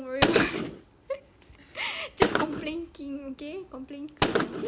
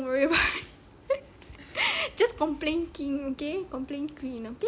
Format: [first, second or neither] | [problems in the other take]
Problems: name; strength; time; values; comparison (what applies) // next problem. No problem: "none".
second | background sound (Gunshot, gunfire); 4 dB above the speech